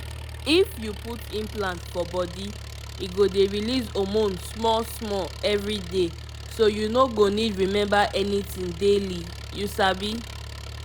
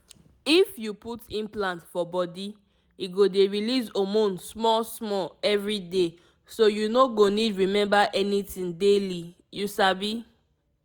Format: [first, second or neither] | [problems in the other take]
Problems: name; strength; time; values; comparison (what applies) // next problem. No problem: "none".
second | background sound (Engine); 11 dB below the speech